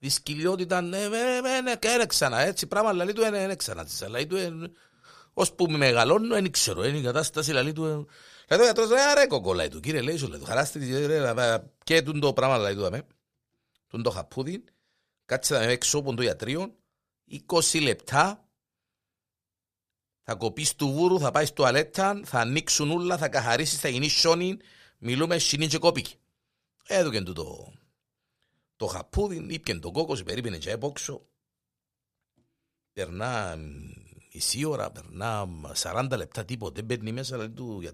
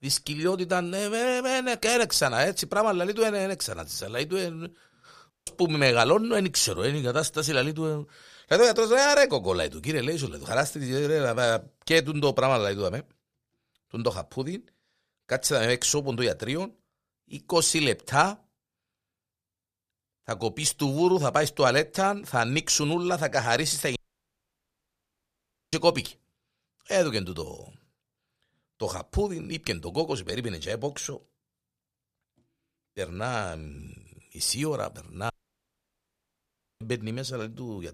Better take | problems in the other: first | audio cutting out; at 5.5 s, at 24 s for 2 s and at 35 s for 1.5 s

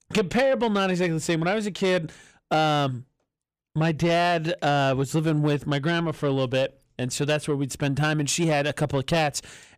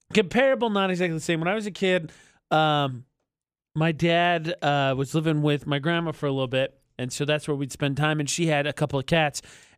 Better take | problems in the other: second | distortion; slight; 10 dB below the speech

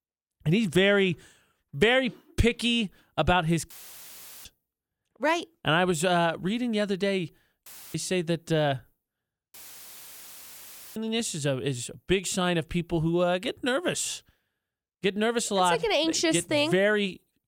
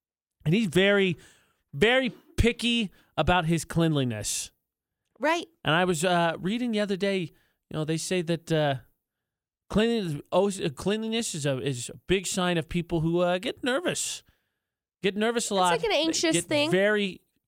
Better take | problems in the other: second | audio cutting out; filled with static; at 3.5 s for 1 s, at 7.5 s and at 9.5 s for 1.5 s

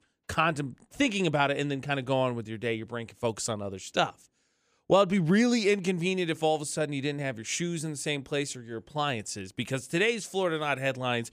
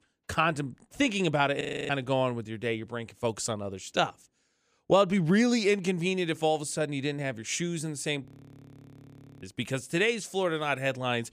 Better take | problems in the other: first | audio freezing; at 1.5 s and at 8.5 s for 1 s

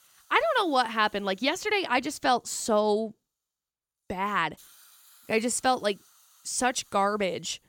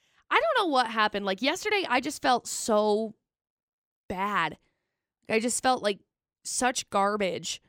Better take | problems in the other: second | hiss; faint; throughout; 30 dB below the speech

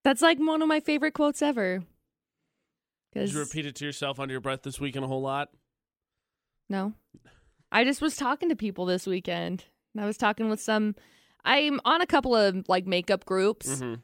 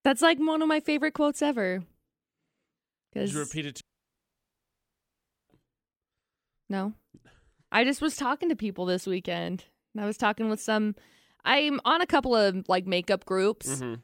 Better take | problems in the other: first | audio cutting out; at 4 s for 1.5 s

